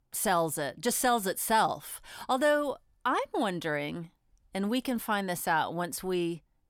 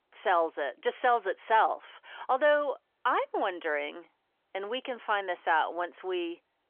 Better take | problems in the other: first | phone-call audio; nothing above 3.5 kHz

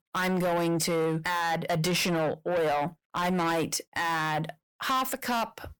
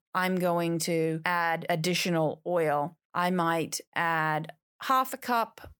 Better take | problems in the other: second | distortion; heavy; 6 dB below the speech

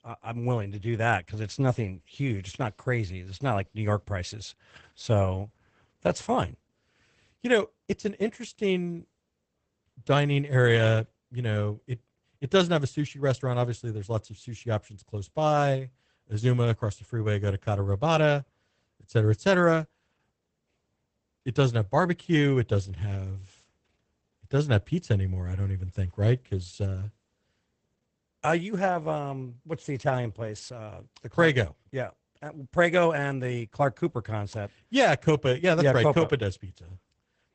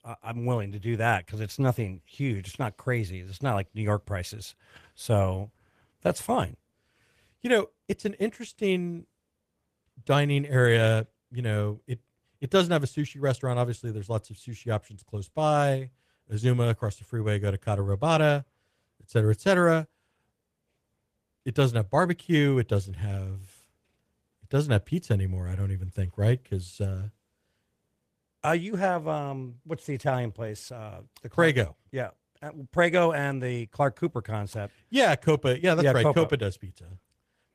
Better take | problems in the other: second | garbled, watery; badly; nothing above 8 kHz; slightly in the second

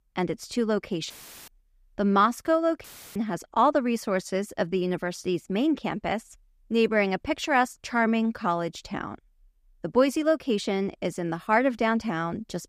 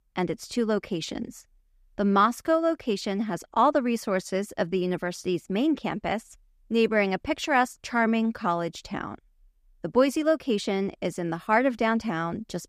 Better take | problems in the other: second | audio cutting out; filled with static; at 1 s and at 3 s

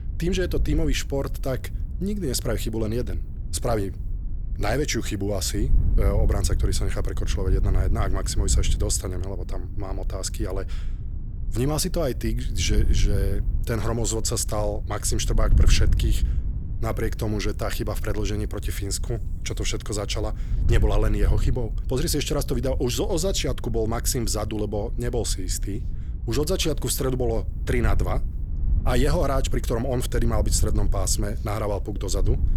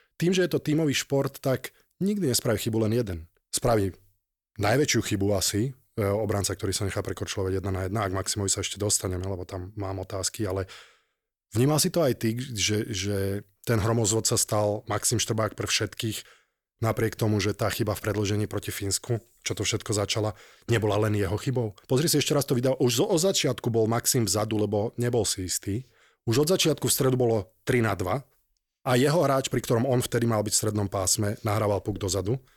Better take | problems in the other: second | wind noise on the microphone; occasional gusts; 15 dB below the speech

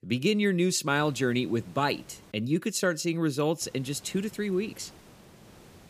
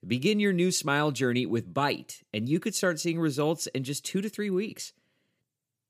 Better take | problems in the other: second | hiss; faint; from 1 to 2.5 s and from 3.5 s on; 25 dB below the speech

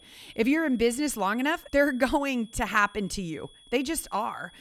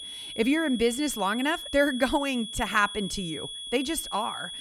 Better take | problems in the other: first | high-pitched whine; loud; throughout; 3.5 kHz, 9 dB below the speech; faint in the first

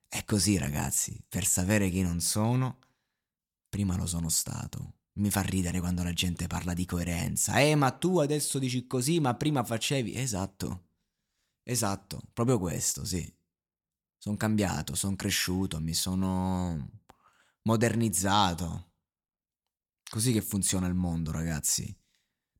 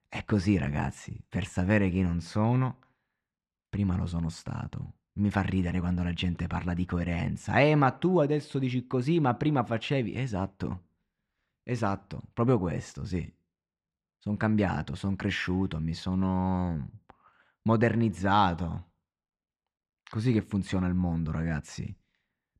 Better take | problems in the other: first | muffled; very; fading above 2 kHz

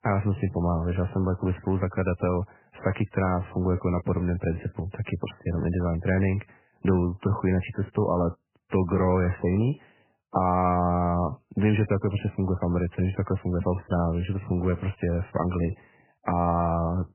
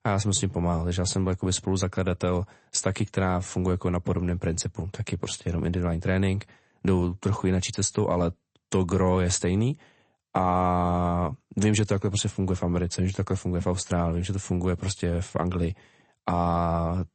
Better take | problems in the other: second | garbled, watery; badly; nothing above 3 kHz; slightly in the second

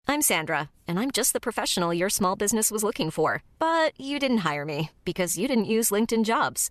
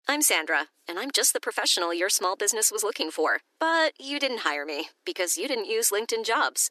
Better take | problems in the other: first | thin; somewhat; fading below 300 Hz

